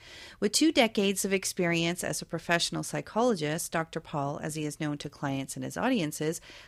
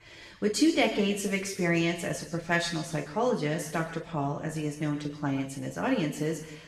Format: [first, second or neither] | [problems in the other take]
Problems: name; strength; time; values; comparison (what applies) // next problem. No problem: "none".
first | room echo; noticeable; dies away in 0.9 s // off-mic speech; far